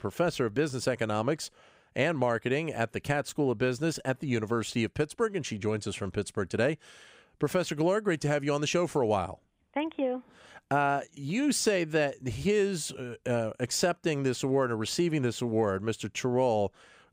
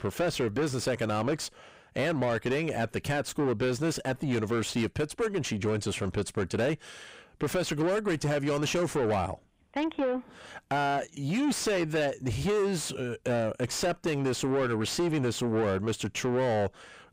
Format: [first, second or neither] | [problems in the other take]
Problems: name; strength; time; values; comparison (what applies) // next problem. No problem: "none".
first | distortion; heavy; 7 dB below the speech